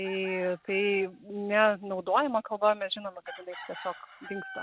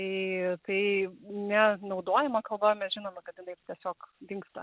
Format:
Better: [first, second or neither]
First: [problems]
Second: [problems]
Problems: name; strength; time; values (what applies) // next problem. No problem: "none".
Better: second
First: background sound (Chicken, rooster); 18 dB below the speech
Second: none